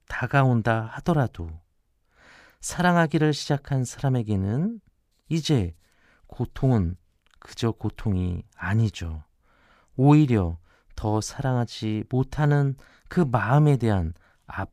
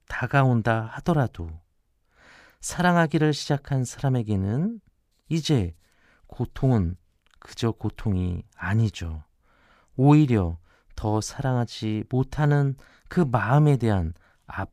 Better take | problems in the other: neither | none

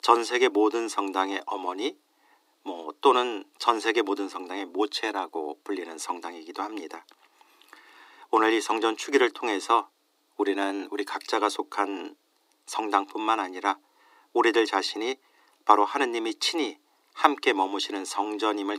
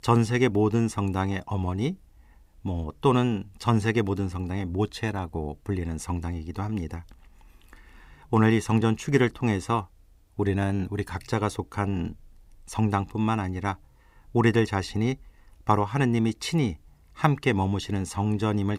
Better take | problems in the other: second | thin; very; fading below 300 Hz

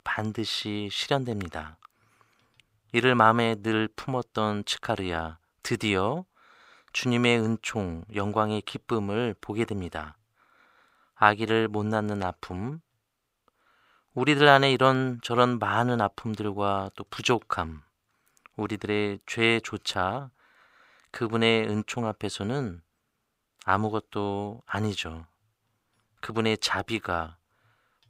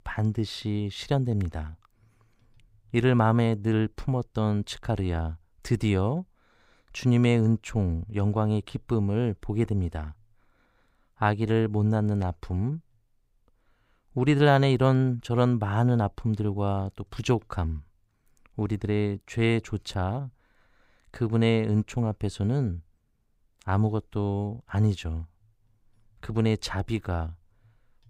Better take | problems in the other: second | thin; somewhat; fading below 550 Hz

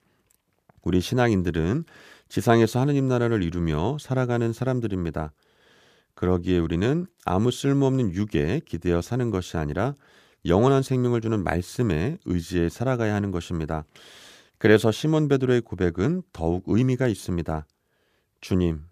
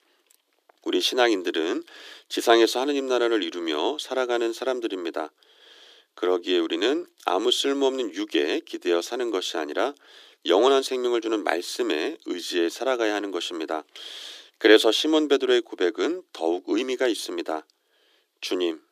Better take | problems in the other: first | thin; somewhat; fading below 300 Hz

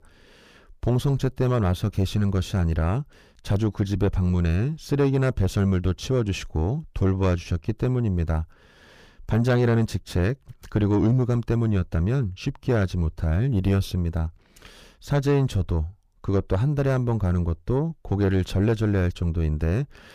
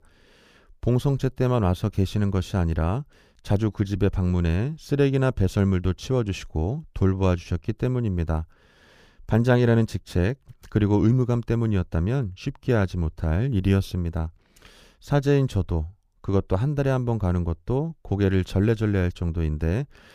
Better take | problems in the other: second | distortion; slight; 10 dB below the speech

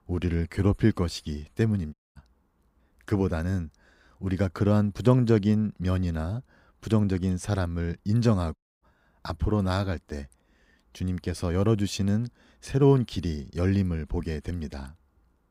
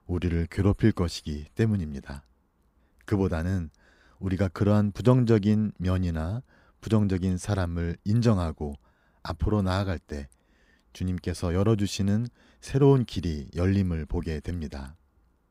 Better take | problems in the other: second | audio cutting out; at 2 s and at 8.5 s

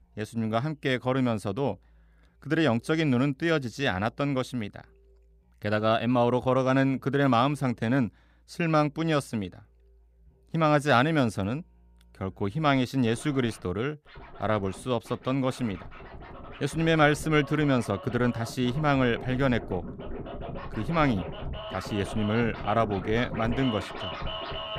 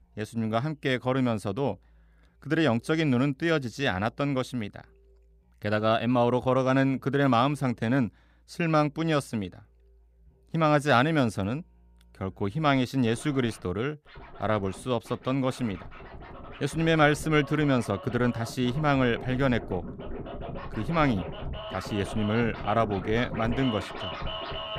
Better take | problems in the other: neither | background music; noticeable; throughout; 10 dB below the speech; the same in both

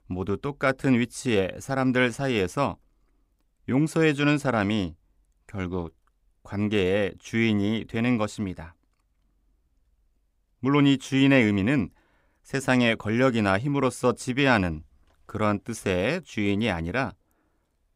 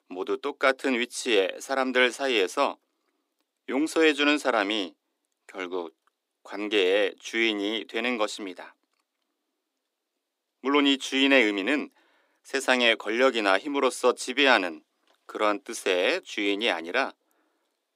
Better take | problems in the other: first | thin; somewhat; fading below 300 Hz

